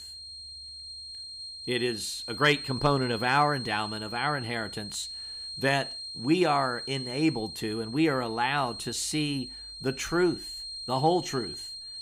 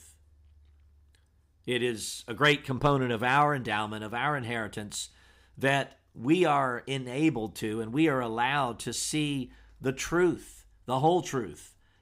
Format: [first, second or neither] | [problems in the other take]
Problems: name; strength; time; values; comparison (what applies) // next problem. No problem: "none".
second | high-pitched whine; loud; throughout; 4 kHz, 9 dB below the speech